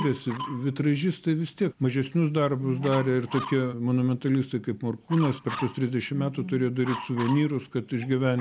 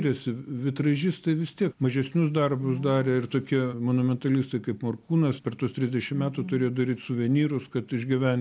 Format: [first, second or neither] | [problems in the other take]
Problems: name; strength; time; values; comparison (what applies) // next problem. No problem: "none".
second | background sound (Dog); 15 dB below the speech